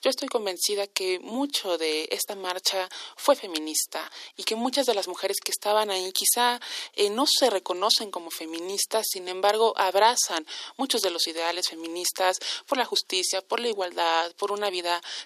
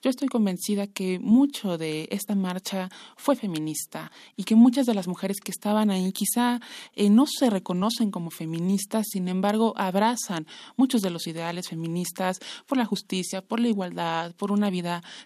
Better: second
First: thin; very; fading below 350 Hz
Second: none

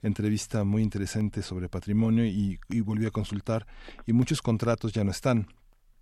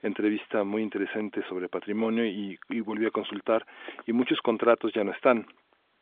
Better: first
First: none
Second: phone-call audio; nothing above 3.5 kHz

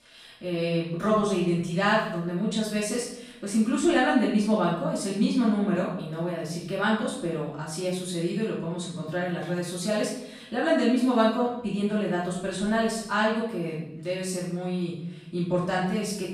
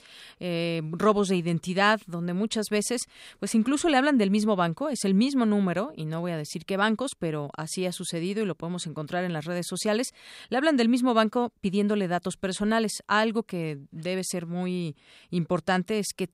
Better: second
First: off-mic speech; far // room echo; noticeable; dies away in 0.7 s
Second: none

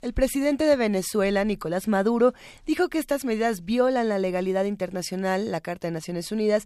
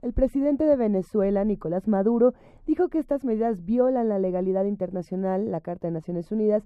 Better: first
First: none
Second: muffled; very; fading above 1.5 kHz

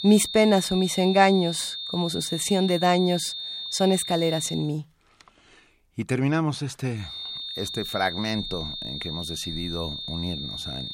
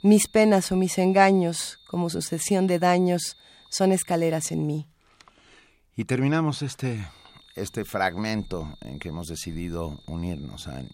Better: second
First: high-pitched whine; loud; until 4.5 s and from 7 s on; 3.5 kHz, 7 dB below the speech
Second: high-pitched whine; faint; until 4.5 s and from 7 s on; 3.5 kHz, 30 dB below the speech

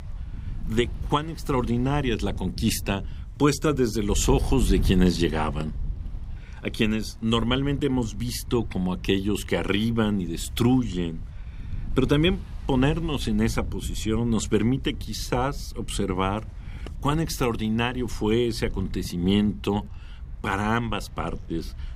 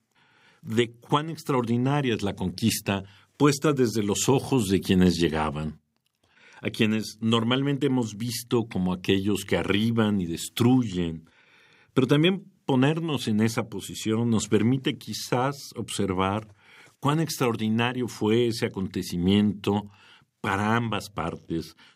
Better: second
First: wind noise on the microphone; occasional gusts; 20 dB below the speech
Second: none

